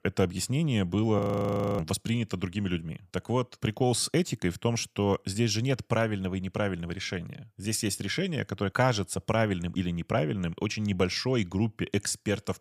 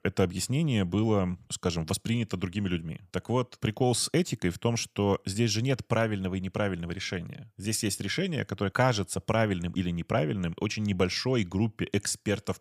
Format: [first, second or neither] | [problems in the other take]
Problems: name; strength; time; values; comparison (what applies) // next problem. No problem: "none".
second | audio freezing; at 1 s for 0.5 s